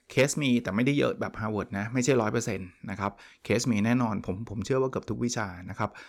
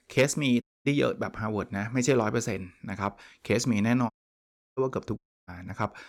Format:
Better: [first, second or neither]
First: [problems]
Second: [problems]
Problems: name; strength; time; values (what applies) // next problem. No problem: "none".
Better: first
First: none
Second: audio cutting out; at 0.5 s, at 4 s for 0.5 s and at 5 s